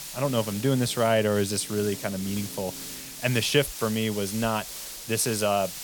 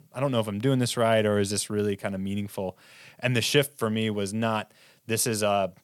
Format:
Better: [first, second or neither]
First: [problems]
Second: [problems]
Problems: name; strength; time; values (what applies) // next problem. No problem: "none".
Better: second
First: hiss; loud; throughout; 10 dB below the speech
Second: none